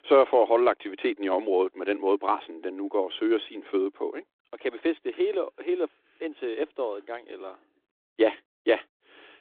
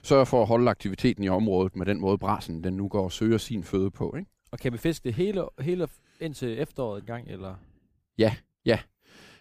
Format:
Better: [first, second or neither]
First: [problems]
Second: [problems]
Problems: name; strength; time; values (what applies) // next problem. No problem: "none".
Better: second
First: phone-call audio; nothing above 3.5 kHz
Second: none